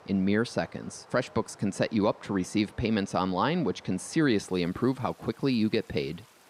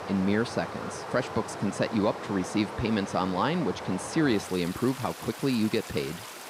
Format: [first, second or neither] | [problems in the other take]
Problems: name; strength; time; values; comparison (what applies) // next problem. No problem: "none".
first | rain or running water; loud; throughout; 9 dB below the speech; faint in the first